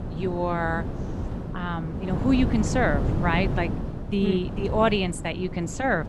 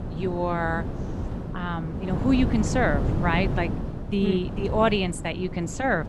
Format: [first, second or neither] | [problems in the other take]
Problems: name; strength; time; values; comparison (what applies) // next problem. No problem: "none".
neither | wind noise on the microphone; heavy; 9 dB below the speech; the same in both